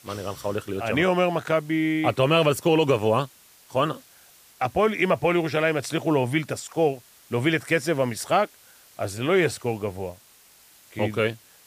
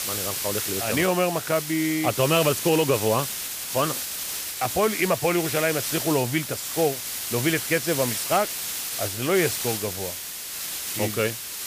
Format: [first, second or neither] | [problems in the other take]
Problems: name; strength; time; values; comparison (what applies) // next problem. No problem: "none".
first | hiss; loud; throughout; 3 dB below the speech; faint in the first